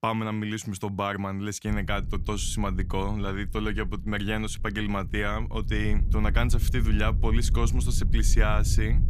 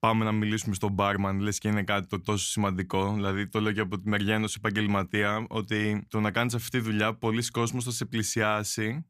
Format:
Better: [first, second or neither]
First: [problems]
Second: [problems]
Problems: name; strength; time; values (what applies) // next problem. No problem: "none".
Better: second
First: low rumble; noticeable; from 1.5 s on; 15 dB below the speech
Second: none